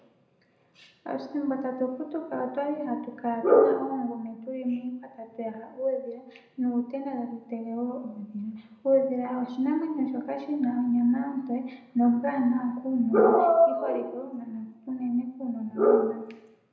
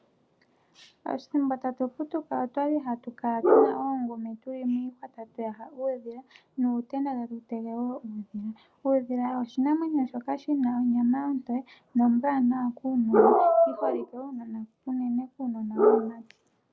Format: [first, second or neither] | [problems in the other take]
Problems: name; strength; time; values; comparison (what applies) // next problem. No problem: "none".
second | room echo; dies away in 0.8 s